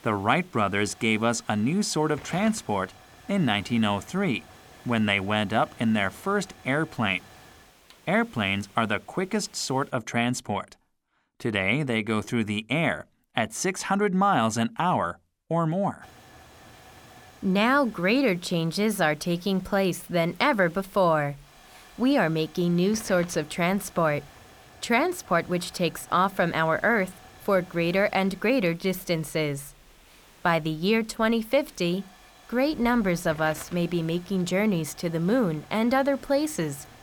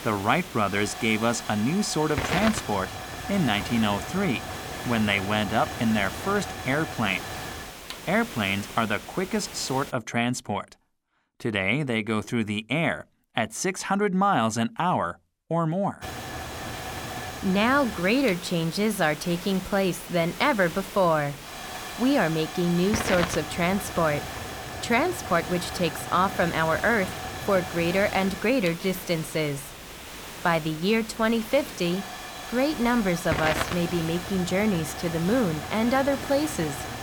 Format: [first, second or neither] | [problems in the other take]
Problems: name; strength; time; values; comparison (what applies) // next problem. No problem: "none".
first | hiss; loud; until 10 s and from 16 s on; 9 dB below the speech; faint in the first